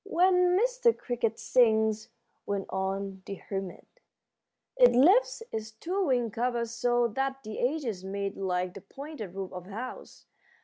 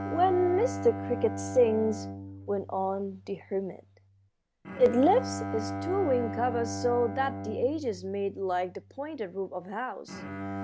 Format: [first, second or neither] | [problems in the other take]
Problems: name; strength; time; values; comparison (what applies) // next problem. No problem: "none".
first | background sound (Bowed string instrument); 8 dB below the speech